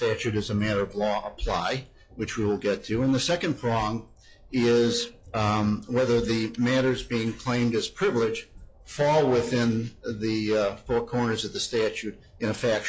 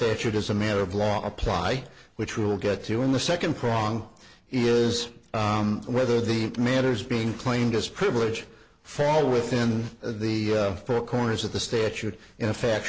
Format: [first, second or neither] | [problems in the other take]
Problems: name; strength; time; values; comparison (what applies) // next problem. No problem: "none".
second | noise reduction (classical method log-MMSE)